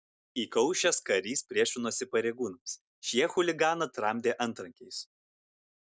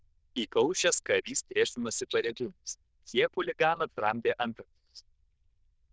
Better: first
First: none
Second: noise reduction (neural diffusion model UNIVERSE++)

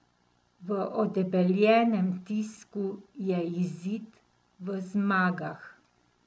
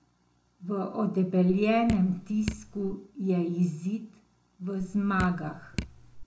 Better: first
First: none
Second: background sound (Drip); 9 dB below the speech // room echo; dies away in 0.3 s

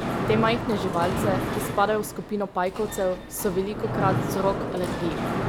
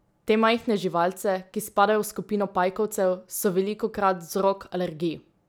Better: second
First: background sound (Mechanisms); 2 dB below the speech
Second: none

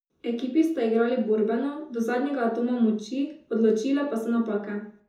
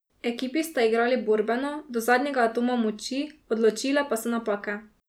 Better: second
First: room echo; dies away in 0.6 s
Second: none

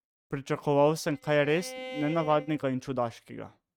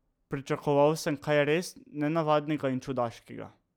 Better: second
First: noise reduction (neural mask model RNNoise)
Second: none

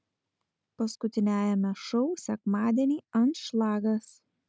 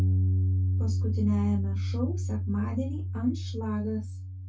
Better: first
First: none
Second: background sound (Bass guitar); 5 dB above the speech // room echo; dies away in 0.1 s

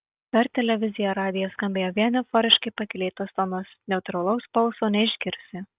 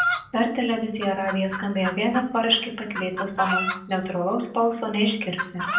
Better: first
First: none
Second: background sound (Chicken, rooster); 6 dB below the speech // room echo; dies away in 0.6 s

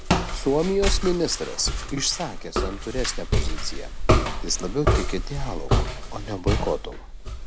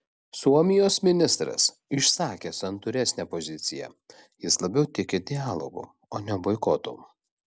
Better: second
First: background sound (Walk, footsteps); 3 dB above the speech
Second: none

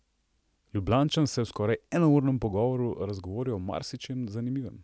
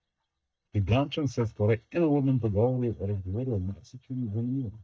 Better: first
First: none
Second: noise reduction (neural mask model DeepFilterNet 3)

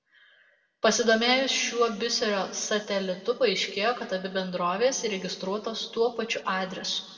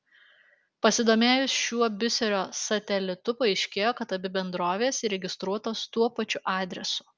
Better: second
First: room echo; dies away in 1.3 s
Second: none

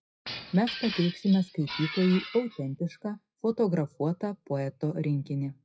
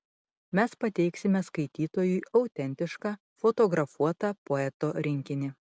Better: second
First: noise reduction (classical method WPE with log-MMSE)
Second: none

